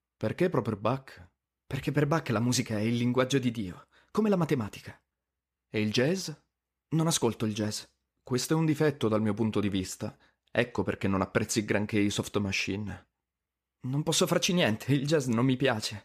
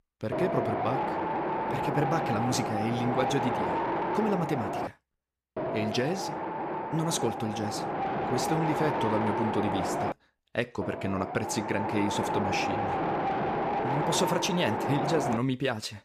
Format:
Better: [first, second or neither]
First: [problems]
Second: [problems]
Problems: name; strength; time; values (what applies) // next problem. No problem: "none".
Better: first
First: none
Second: wind noise on the microphone; heavy; 3 dB above the speech